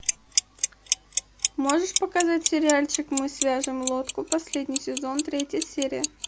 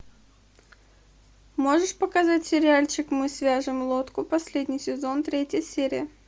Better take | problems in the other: second | background sound (Clock); 4 dB below the speech

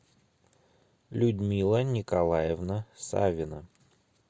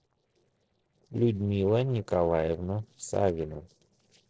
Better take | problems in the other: first | noise reduction (neural separator model SepFormer DNS4)

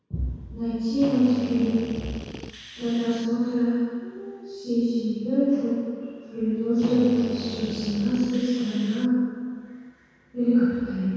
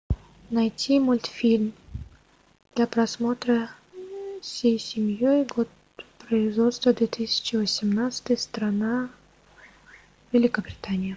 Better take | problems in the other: second | background sound (Drill); 14 dB below the speech // room echo; dies away in 1.9 s

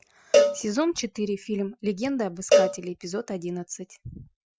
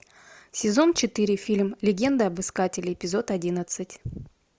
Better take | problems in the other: second | noise reduction (classical method Wiener filter)

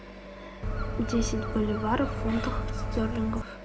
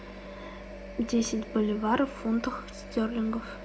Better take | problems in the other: second | background sound (Gull, seagull); as loud as the speech

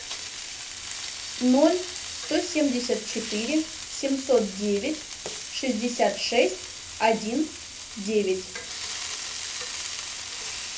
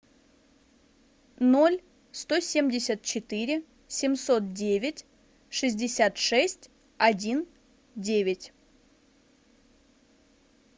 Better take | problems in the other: second | background sound (Frying (food)); 8 dB below the speech // room echo; dies away in 0.3 s

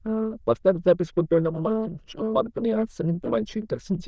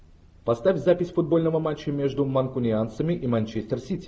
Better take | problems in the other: second | noise reduction (neural diffusion model UNIVERSE++)

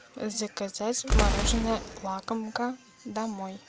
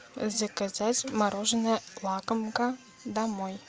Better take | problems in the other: second | background sound (Boom); 3 dB above the speech

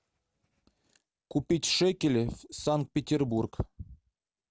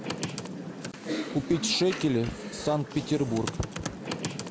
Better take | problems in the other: first | background sound (Computer keyboard); 5 dB below the speech

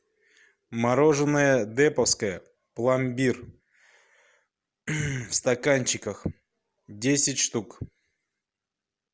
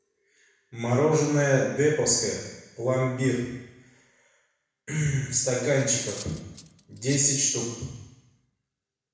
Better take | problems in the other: first | background sound (Cutlery, silverware); 18 dB below the speech // room echo; dies away in 1 s

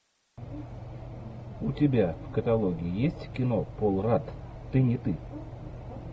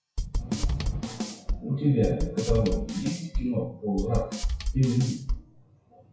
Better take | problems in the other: first | noise reduction (classical method WPE with log-MMSE)

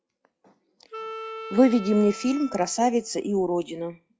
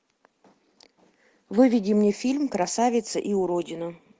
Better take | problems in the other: second | noise reduction (classical method log-MMSE)

